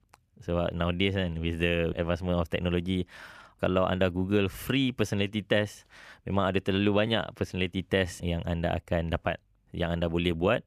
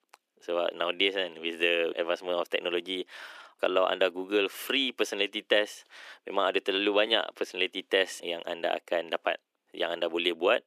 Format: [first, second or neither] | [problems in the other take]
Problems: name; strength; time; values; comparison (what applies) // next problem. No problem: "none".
first | thin; very; fading below 300 Hz